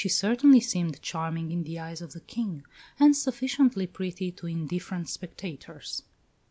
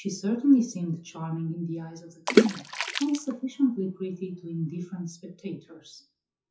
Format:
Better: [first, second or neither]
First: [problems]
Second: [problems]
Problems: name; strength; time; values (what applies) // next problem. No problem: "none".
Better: first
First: none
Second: noise reduction (classical method WPE with log-MMSE)